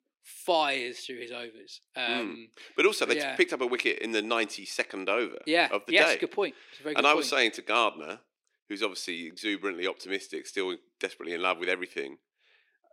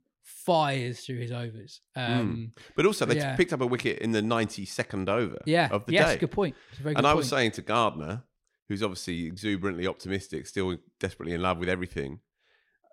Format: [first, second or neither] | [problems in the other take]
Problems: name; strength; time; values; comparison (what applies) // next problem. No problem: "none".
second | thin; somewhat; fading below 300 Hz